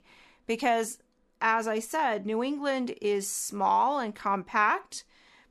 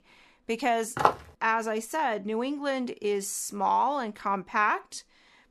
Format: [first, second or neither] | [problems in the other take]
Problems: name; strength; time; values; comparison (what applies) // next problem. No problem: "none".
first | footsteps; loud; at 1 s; peak 2 dB above the speech